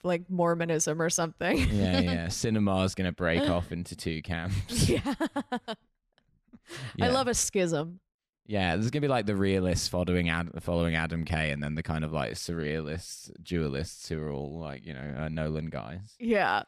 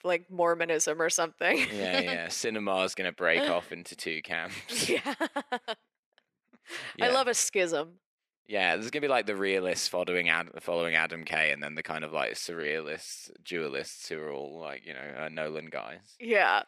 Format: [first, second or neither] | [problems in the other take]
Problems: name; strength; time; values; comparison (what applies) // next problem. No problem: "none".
first | thin; somewhat; fading below 450 Hz